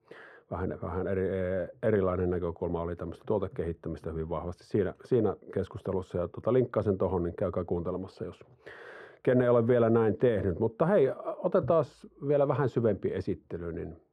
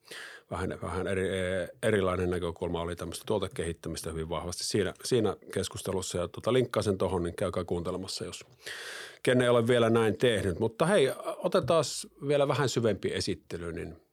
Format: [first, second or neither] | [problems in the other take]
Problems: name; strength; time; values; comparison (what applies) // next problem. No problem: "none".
second | muffled; very; fading above 2.5 kHz